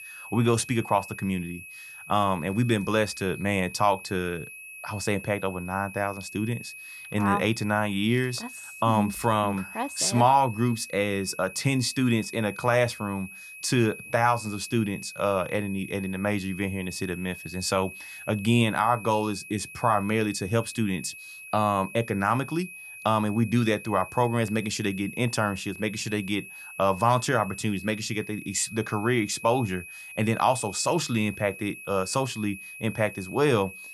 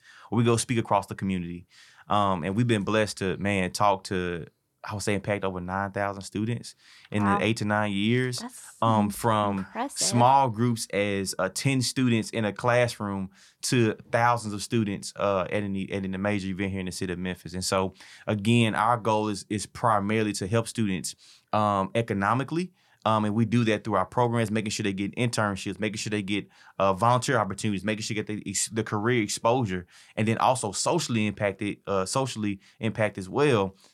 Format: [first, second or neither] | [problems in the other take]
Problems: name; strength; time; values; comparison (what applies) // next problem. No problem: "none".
second | high-pitched whine; noticeable; throughout; 2.5 kHz, 15 dB below the speech